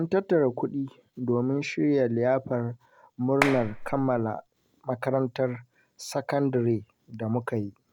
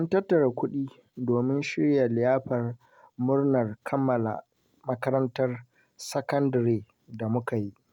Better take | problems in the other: second | background sound (Clapping); 5 dB below the speech

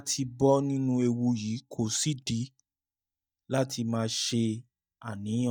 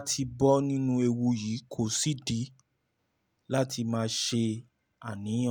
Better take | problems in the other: second | noise reduction (neural mask model DeepFilterNet 3)

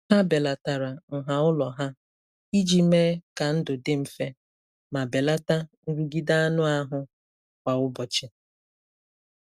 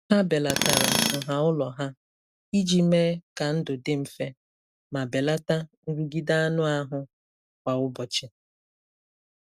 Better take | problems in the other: first | background sound (Tools); as loud as the speech

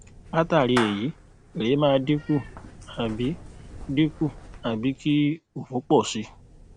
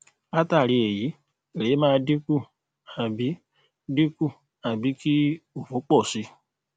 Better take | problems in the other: second | background sound (Meow / Clapping); 15 dB below the speech

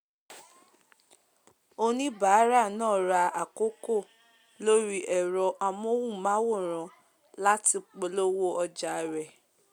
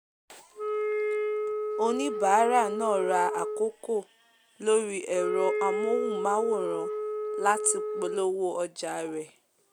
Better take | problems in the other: first | background sound (Wind instrument, woodwind instrument); 2 dB below the speech

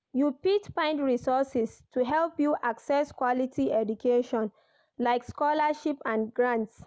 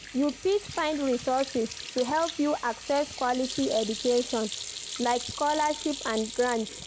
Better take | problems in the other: first | background sound (Sink (filling or washing) / Hands); 11 dB below the speech

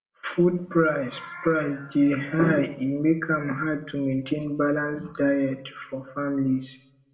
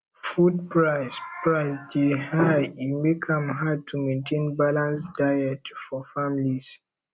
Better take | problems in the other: second | room echo; dies away in 0.6 s

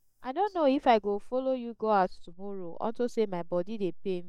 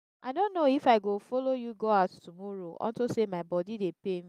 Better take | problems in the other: second | noise reduction (neural mask model DeepFilterNet 3)

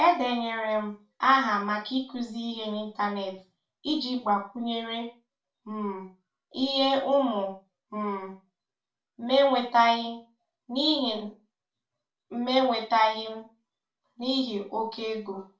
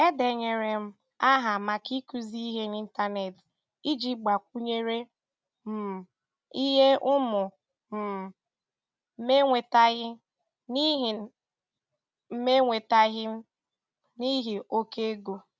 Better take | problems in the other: second | room echo; dies away in 0.3 s

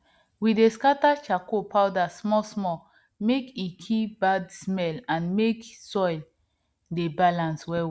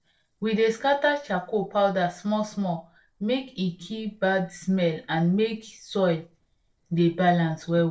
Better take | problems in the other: first | noise reduction (neural separator model SepFormer DNS4)

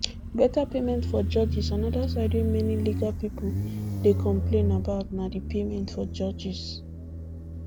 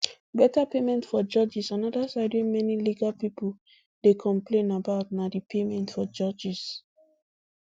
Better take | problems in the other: second | background sound (Motorcycle); 1 dB below the speech

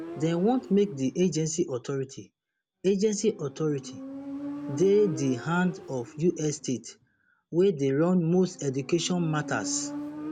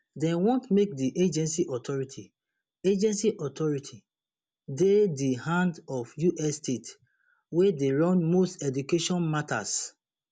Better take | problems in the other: second | background sound (Motorcycle); 13 dB below the speech

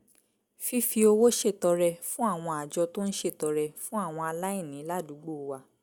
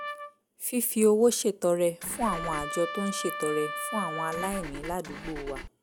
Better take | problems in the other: first | background sound (Trumpet + Engine / Car); 9 dB below the speech

